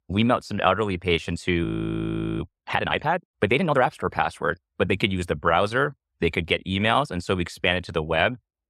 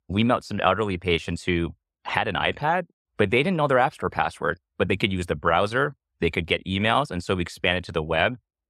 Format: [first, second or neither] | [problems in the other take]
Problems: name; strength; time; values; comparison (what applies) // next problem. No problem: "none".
second | audio freezing; at 1.5 s for 1 s